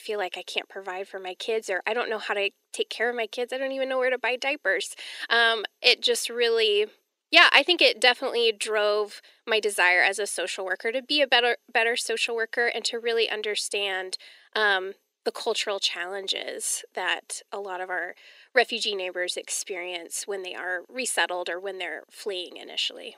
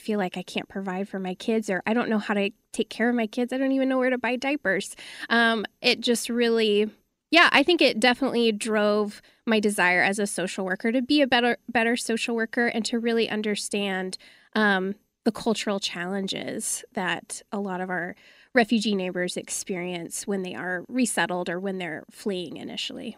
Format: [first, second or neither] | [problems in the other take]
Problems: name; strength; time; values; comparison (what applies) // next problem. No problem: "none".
second | thin; very; fading below 400 Hz